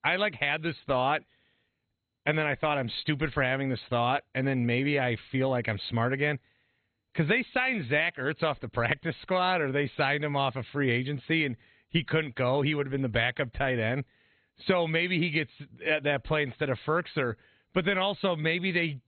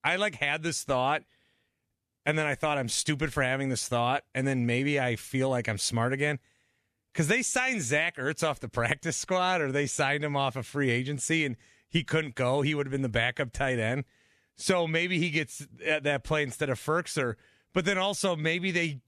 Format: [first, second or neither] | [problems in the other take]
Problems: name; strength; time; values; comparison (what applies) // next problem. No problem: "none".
second | garbled, watery; badly; nothing above 4 kHz